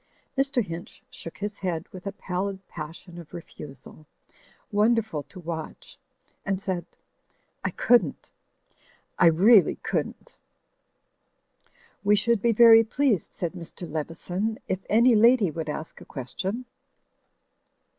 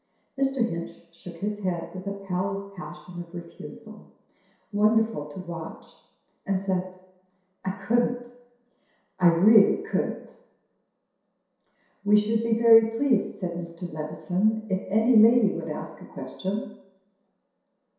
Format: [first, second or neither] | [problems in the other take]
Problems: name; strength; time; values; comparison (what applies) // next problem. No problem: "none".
first | room echo; dies away in 0.7 s